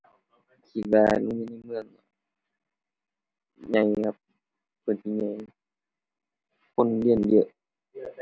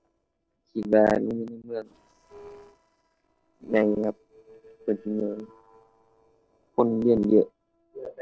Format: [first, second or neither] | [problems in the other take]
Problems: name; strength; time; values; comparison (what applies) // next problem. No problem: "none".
first | noise reduction (neural separator model SepFormer DNS4)